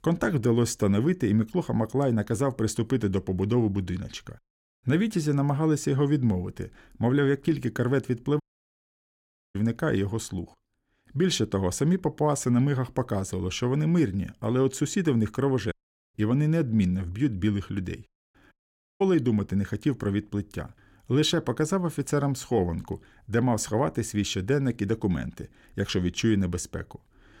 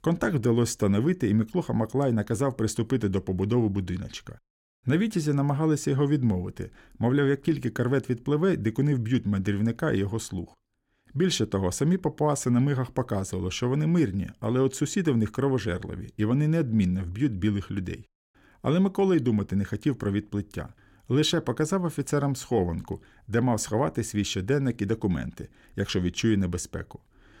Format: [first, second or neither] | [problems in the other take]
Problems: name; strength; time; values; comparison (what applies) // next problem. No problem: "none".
second | audio cutting out; at 8.5 s for 1 s, at 16 s and at 19 s